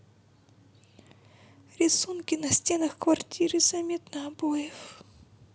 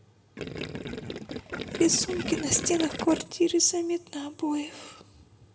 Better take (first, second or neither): first